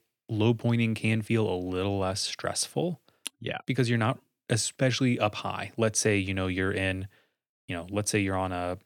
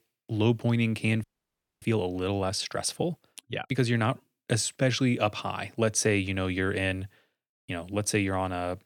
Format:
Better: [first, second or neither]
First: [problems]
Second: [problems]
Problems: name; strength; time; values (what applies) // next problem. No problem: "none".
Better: first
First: none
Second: audio freezing; at 1 s for 0.5 s